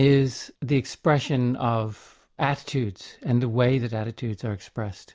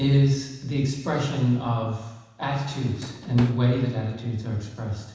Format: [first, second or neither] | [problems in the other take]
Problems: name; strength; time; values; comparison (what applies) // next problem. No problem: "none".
first | background sound (Drawer open or close); 15 dB below the speech // room echo; dies away in 1.1 s